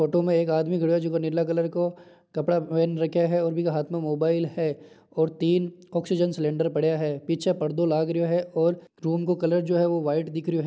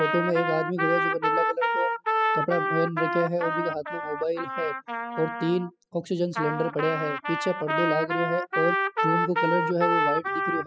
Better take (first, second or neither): first